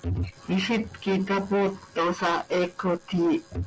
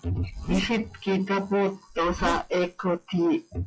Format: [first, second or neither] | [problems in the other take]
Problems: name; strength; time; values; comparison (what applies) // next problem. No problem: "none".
first | noise reduction (classical method log-MMSE)